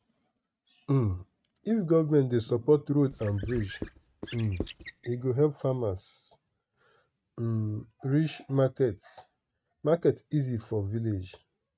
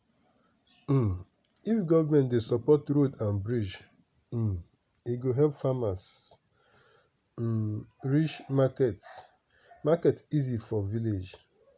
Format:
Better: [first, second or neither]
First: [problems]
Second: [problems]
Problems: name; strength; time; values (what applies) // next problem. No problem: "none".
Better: second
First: noise reduction (neural mask model RNNoise)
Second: none